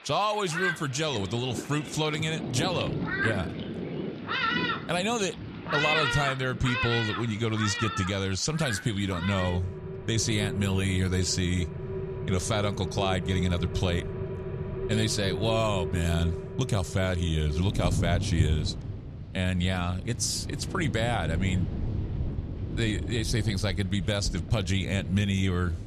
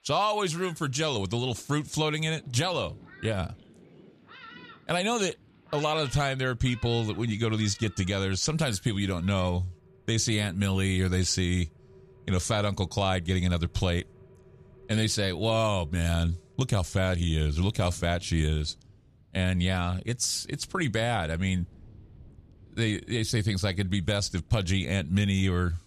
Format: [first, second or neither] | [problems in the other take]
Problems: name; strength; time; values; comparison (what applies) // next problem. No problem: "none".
second | rain or running water; loud; throughout; 5 dB below the speech; faint in the second